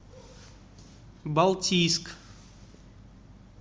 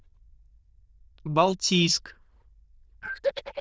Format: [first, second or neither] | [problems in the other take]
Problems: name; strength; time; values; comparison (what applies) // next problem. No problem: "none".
first | noise reduction (neural diffusion model UNIVERSE++)